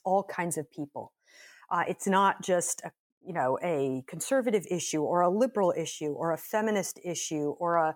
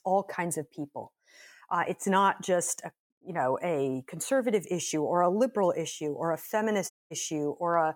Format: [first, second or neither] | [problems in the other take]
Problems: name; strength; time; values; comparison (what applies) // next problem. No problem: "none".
first | audio cutting out; at 7 s